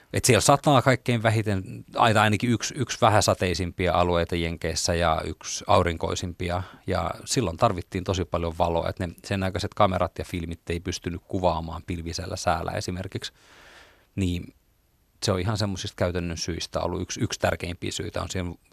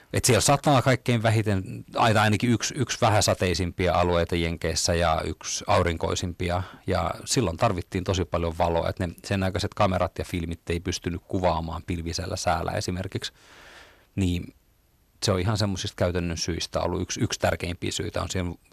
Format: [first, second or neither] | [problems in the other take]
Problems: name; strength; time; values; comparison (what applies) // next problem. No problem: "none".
first | distortion; slight; 10 dB below the speech